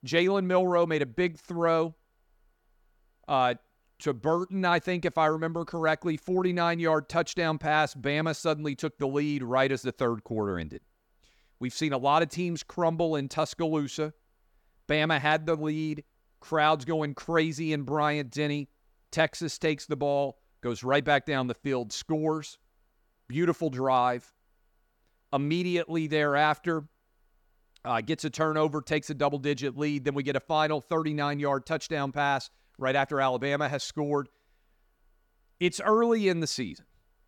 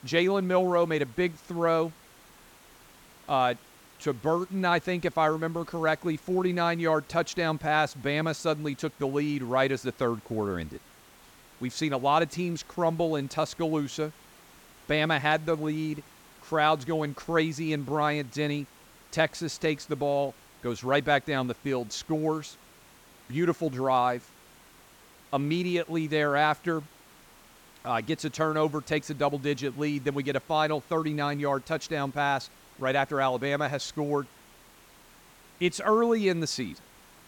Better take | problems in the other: first | hiss; faint; throughout; 25 dB below the speech

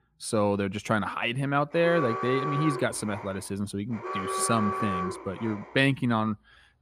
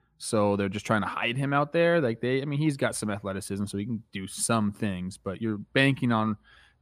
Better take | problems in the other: second | alarm; noticeable; from 1.5 to 6 s; peak 2 dB below the speech

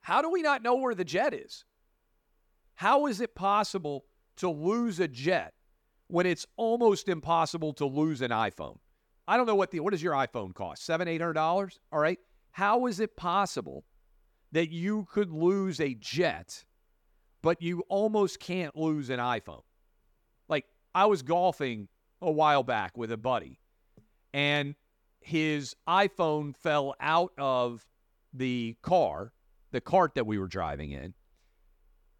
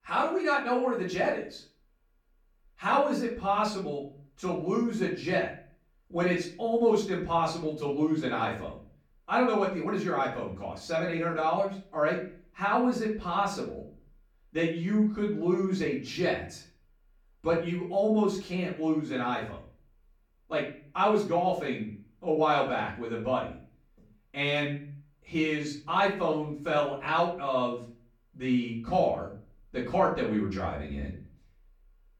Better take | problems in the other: first | off-mic speech; far // room echo; slight; dies away in 0.4 s

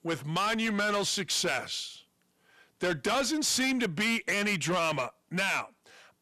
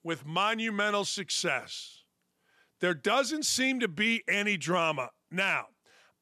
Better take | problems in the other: second | distortion; heavy; 7 dB below the speech

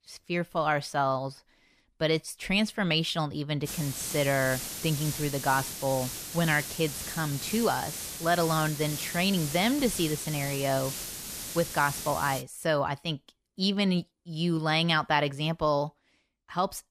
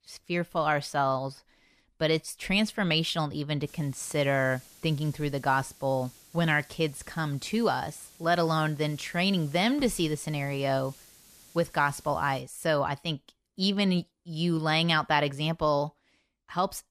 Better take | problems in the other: second | hiss; loud; from 3.5 to 12 s; 7 dB below the speech; faint in the second

